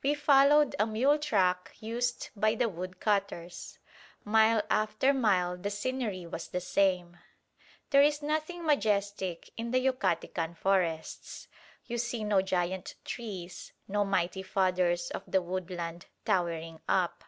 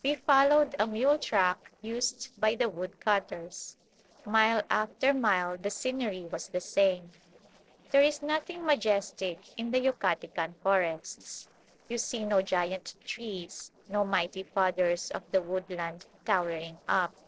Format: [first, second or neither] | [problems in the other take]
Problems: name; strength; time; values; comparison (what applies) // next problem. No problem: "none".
first | noise reduction (neural separator model SepFormer DNS4)